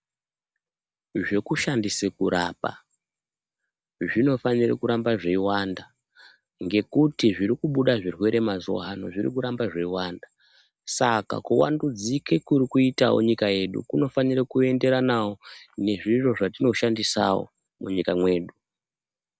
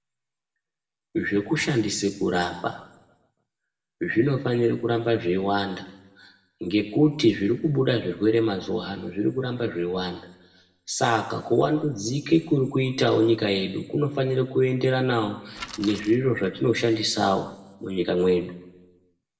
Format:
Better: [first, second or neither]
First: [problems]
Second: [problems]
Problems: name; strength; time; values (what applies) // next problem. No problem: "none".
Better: first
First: none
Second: background sound (Bicycle); 17 dB below the speech // room echo; dies away in 0.8 s